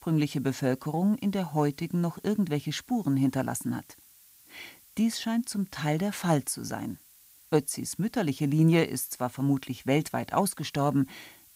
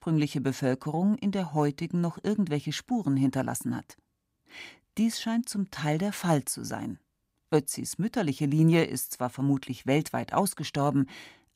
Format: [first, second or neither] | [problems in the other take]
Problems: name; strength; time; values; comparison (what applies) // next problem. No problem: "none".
second | hiss; faint; throughout; 25 dB below the speech